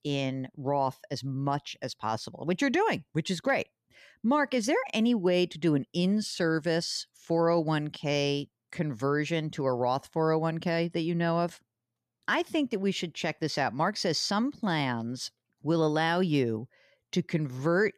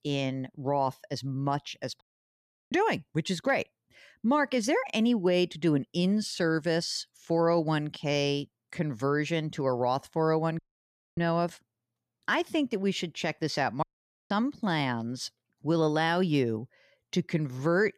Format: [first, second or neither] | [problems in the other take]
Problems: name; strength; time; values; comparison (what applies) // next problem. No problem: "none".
first | audio cutting out; at 2 s for 0.5 s, at 11 s for 0.5 s and at 14 s